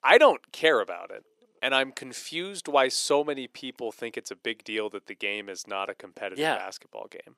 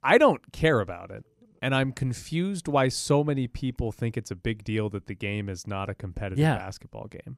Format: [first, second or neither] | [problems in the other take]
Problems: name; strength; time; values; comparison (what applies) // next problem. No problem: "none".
second | thin; very; fading below 400 Hz